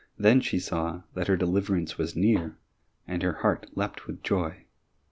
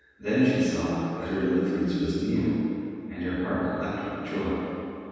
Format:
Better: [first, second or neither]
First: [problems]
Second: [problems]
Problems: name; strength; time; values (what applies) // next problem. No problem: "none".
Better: first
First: none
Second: room echo; dies away in 2.1 s